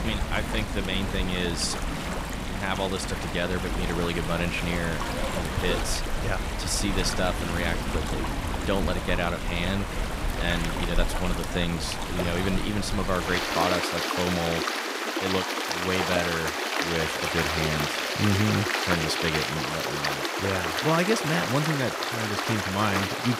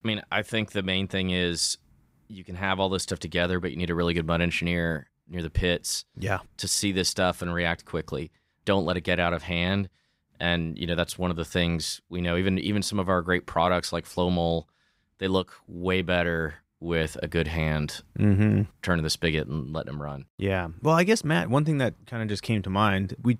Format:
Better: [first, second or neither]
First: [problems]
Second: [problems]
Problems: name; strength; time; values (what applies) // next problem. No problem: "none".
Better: second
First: rain or running water; very loud; throughout; as loud as the speech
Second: none